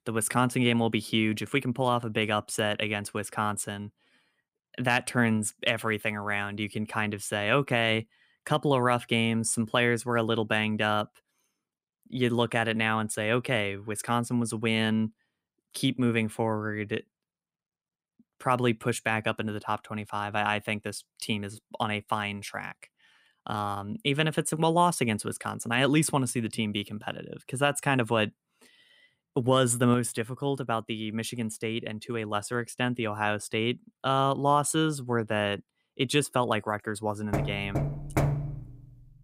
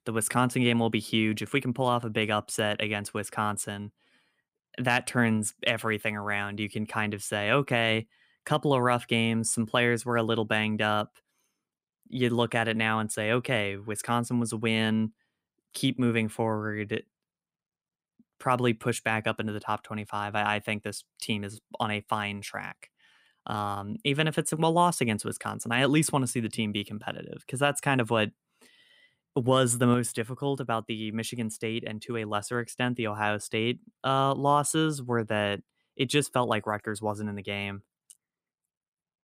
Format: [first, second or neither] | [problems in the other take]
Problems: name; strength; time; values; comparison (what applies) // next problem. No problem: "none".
second | door banging; loud; from 37 to 39 s; peak level with the speech